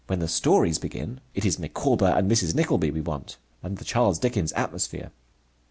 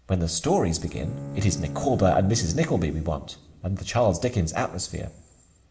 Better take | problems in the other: first | background sound (Bowed string instrument); 12 dB below the speech // room echo; dies away in 1.6 s

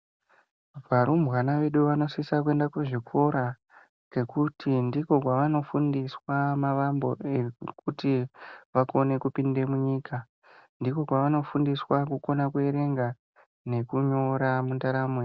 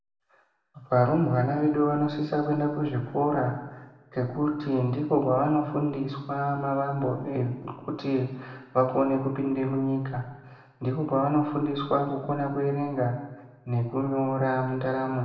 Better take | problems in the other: first | room echo; dies away in 1.1 s

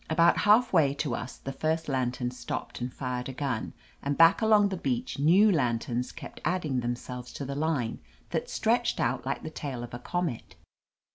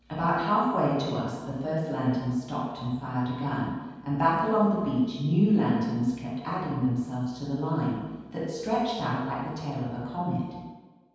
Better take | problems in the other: first | room echo; dies away in 1.2 s

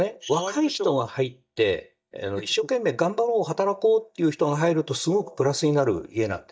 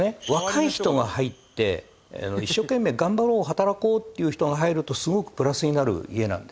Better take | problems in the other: second | noise reduction (neural mask model DeepFilterNet 3)

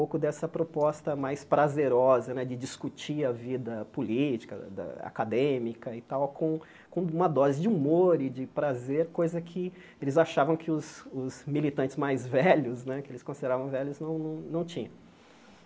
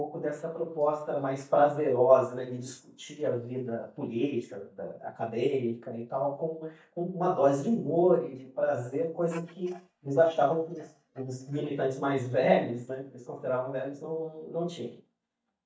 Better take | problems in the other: first | noise reduction (neural mask model DeepFilterNet 3)

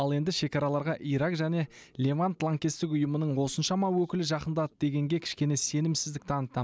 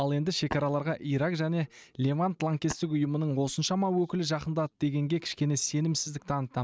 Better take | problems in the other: first | noise reduction (neural mask model RNNoise)

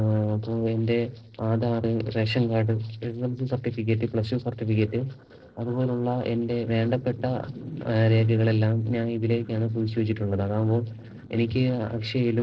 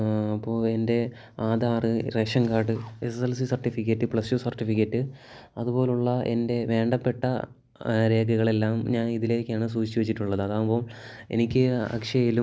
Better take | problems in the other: second | noise reduction (neural separator model SepFormer DNS4)

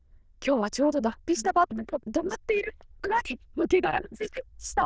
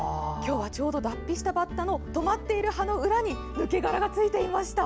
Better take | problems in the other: second | noise reduction (neural diffusion model UNIVERSE++)

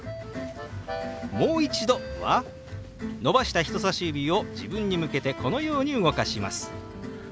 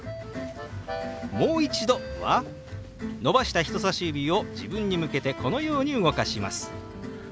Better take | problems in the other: first | background sound (Piano); 20 dB below the speech

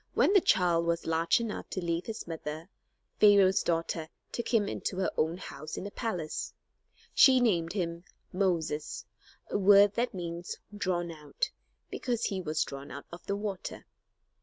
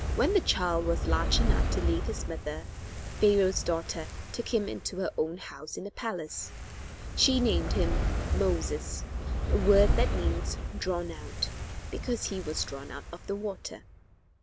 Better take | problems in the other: first | background sound (Fire); as loud as the speech

